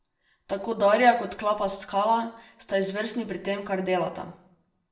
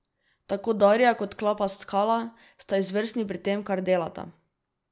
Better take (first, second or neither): second